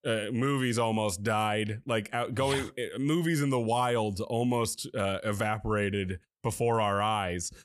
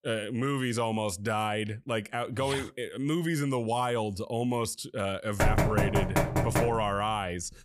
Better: first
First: none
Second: door banging; loud; from 5.5 to 7 s; peak 4 dB above the speech

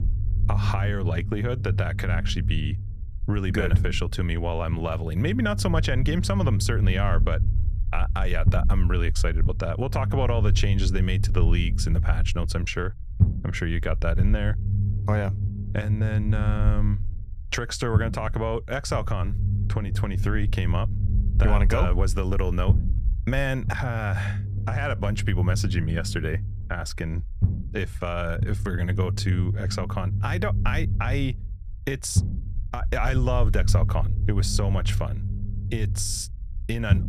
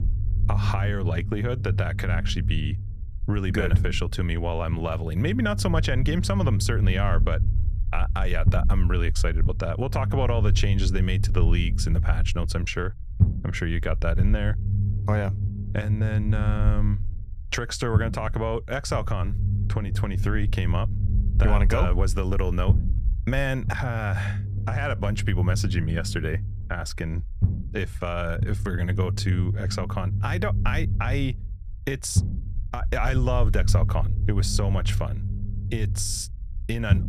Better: neither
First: low rumble; noticeable; throughout; 10 dB below the speech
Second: low rumble; noticeable; throughout; 10 dB below the speech

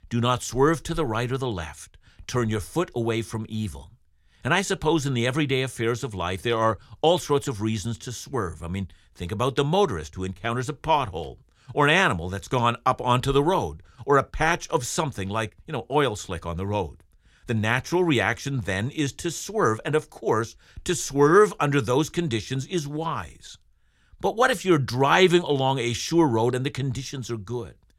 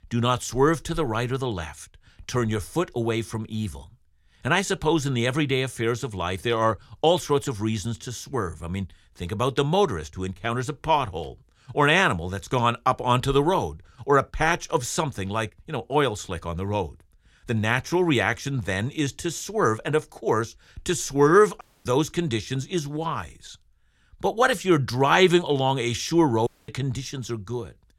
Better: first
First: none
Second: audio cutting out; at 22 s and at 26 s

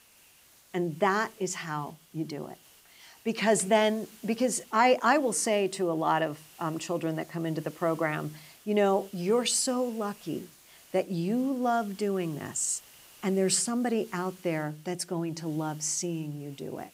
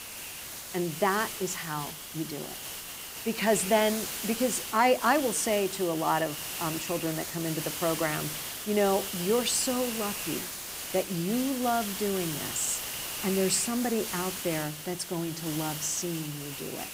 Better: first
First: hiss; faint; throughout; 25 dB below the speech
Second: hiss; loud; throughout; 5 dB below the speech

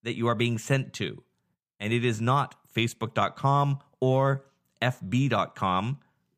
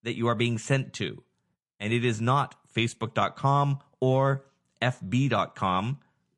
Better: first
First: none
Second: garbled, watery; slightly

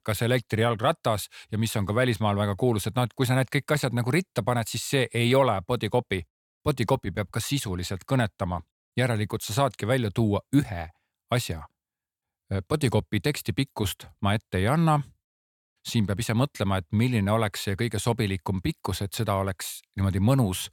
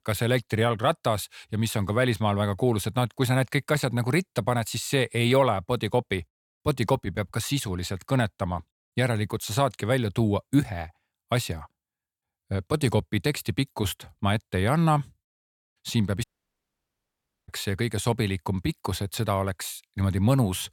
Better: first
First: none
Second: audio cutting out; at 16 s for 1 s

